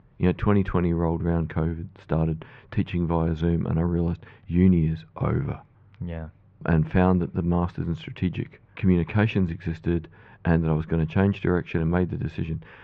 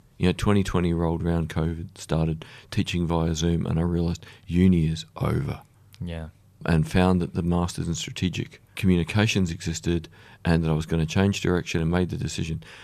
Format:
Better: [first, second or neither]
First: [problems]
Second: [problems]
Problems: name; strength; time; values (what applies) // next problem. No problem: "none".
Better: second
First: muffled; very; fading above 2 kHz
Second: none